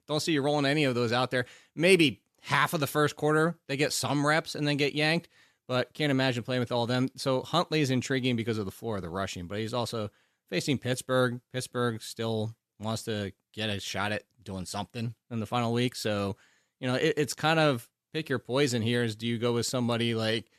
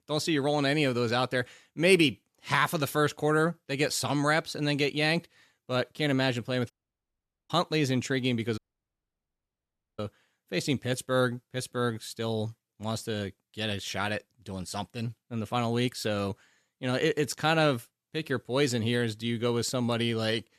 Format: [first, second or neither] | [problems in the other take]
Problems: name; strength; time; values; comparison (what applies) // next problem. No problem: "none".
first | audio cutting out; at 6.5 s for 1 s and at 8.5 s for 1.5 s